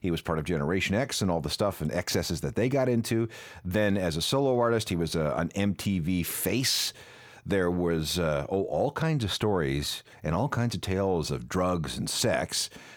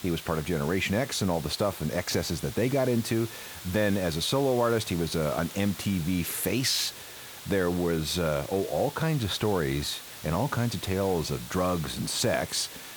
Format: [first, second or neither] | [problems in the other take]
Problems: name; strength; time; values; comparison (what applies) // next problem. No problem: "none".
first | hiss; noticeable; throughout; 15 dB below the speech